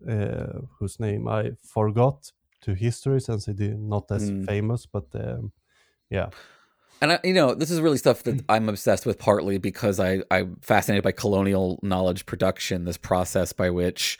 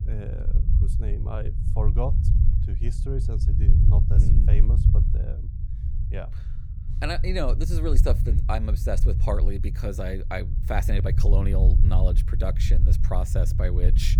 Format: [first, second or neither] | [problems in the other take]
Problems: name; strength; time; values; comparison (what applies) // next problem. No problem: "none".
first | low rumble; loud; throughout; 7 dB below the speech